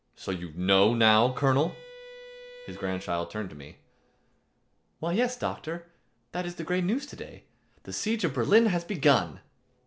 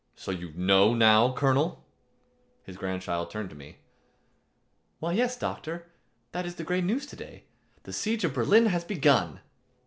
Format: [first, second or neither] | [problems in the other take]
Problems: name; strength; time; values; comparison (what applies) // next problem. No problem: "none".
second | background sound (Bowed string instrument); 18 dB below the speech